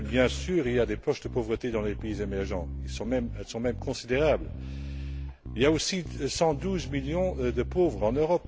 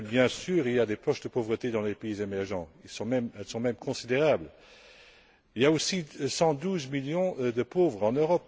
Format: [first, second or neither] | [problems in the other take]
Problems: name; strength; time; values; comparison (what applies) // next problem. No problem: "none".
second | background sound (Bass guitar); 8 dB below the speech